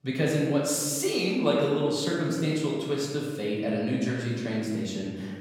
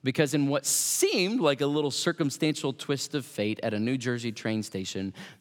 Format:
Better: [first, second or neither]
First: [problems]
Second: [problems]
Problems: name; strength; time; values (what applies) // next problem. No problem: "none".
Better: second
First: room echo; noticeable; dies away in 1.6 s // off-mic speech; far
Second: none